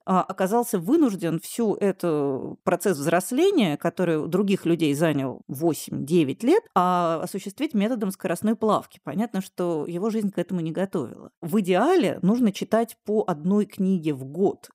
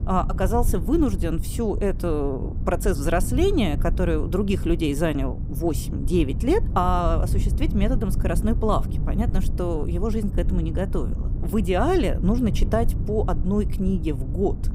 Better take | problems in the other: first | low rumble; noticeable; throughout; 15 dB below the speech

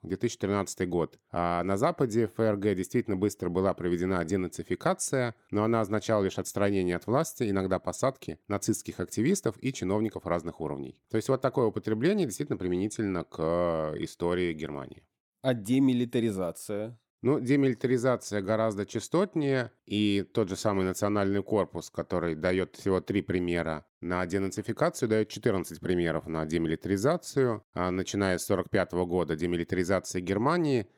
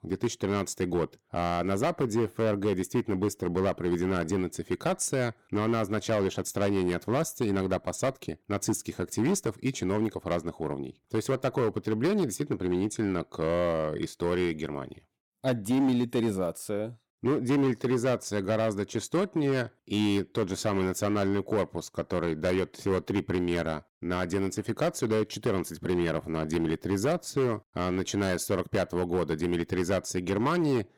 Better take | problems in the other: first | distortion; slight; 9% of the sound clipped

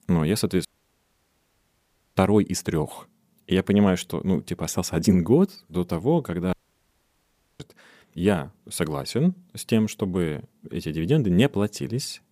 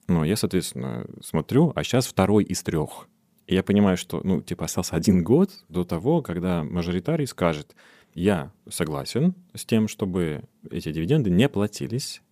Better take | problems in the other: second | audio cutting out; at 0.5 s for 1.5 s and at 6.5 s for 1 s

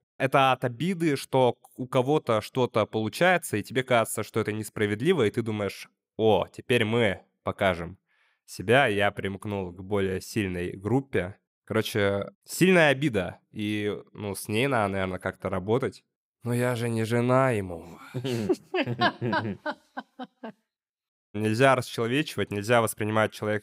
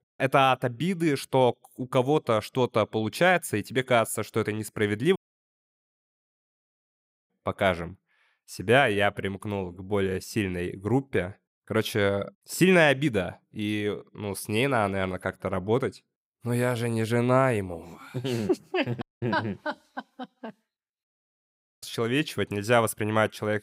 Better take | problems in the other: first | audio cutting out; at 5 s for 2 s, at 19 s and at 21 s for 1 s

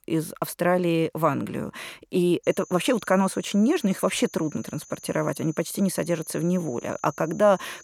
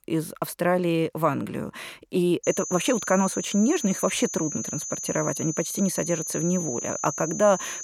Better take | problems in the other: first | high-pitched whine; loud; from 2.5 s on; 6 kHz, 6 dB below the speech; faint in the first

